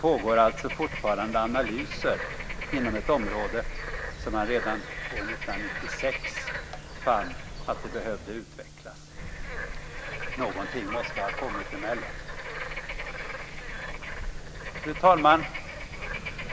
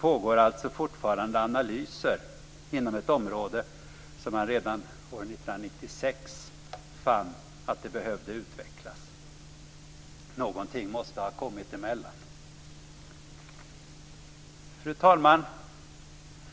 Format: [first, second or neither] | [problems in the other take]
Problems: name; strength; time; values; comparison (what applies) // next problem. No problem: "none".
second | background sound (Bird / Frog); 5 dB below the speech